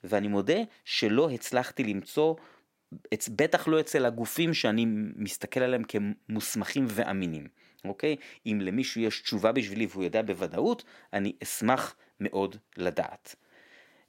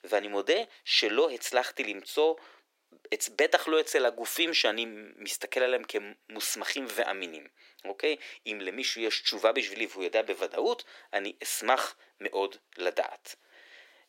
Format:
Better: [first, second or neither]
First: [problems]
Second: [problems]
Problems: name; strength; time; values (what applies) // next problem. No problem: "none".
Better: first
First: none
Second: thin; very; fading below 350 Hz